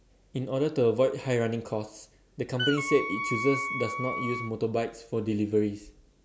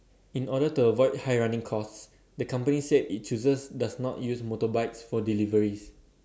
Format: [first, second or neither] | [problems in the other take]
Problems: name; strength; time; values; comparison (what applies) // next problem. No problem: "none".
second | background sound (Wind instrument, woodwind instrument); 4 dB below the speech